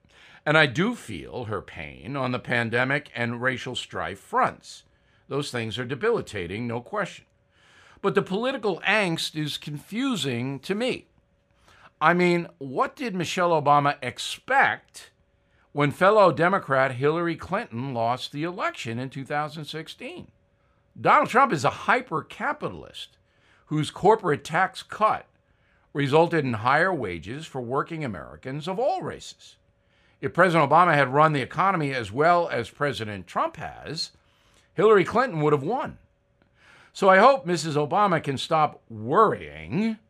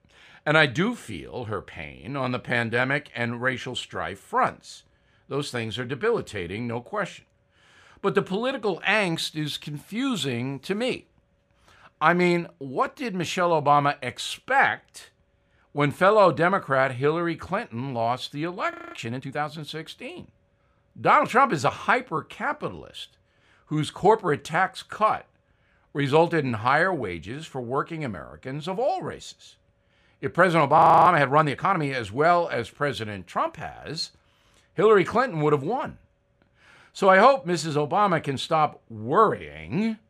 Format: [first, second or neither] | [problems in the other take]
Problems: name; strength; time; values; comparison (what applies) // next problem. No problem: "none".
first | audio freezing; at 19 s and at 31 s